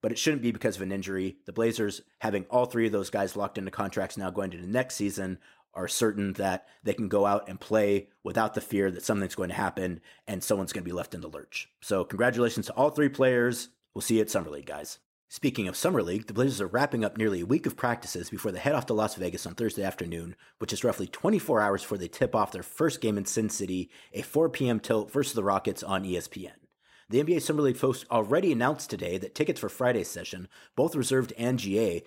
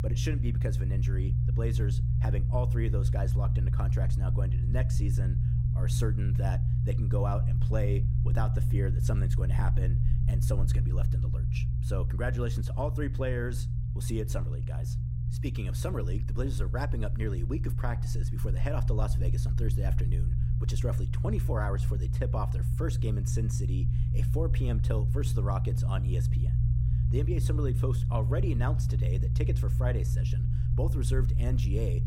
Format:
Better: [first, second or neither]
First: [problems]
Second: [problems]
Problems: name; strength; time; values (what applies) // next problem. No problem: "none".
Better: first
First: none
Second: low rumble; loud; throughout; 3 dB below the speech